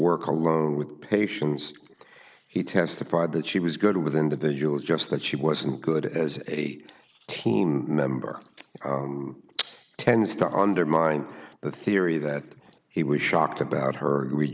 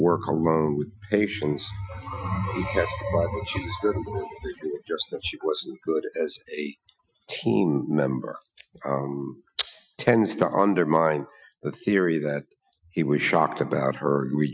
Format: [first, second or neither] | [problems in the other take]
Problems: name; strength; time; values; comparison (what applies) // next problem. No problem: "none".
first | noise reduction (classical method Wiener filter)